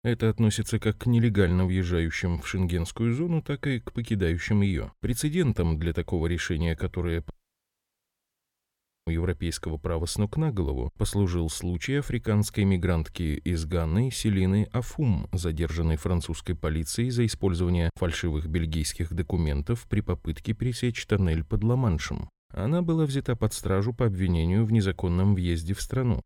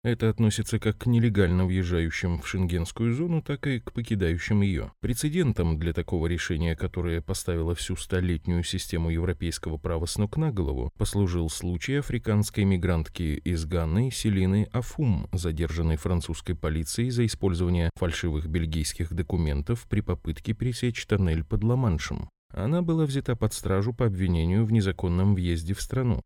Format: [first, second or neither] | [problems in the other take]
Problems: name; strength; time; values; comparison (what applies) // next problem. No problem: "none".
second | audio cutting out; at 7.5 s for 2 s